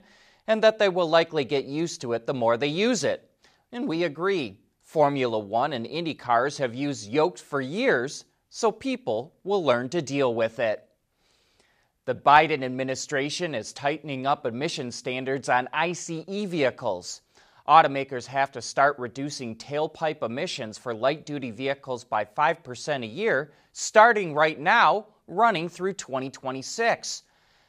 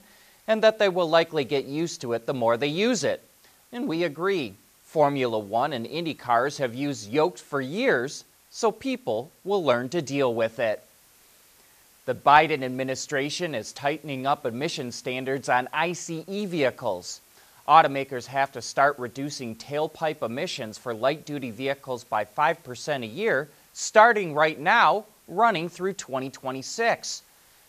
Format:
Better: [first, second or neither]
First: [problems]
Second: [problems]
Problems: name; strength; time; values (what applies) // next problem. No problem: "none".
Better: first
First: none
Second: hiss; faint; throughout; 30 dB below the speech